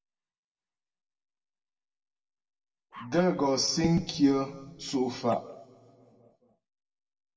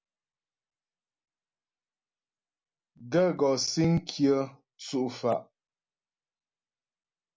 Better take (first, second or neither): second